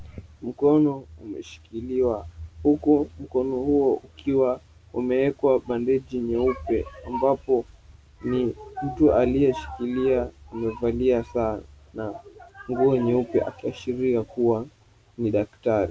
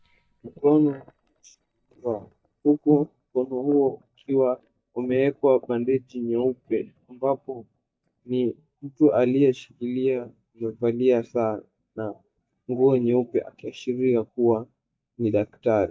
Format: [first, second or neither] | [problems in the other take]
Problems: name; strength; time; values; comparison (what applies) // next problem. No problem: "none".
first | noise reduction (neural mask model DeepFilterNet 3)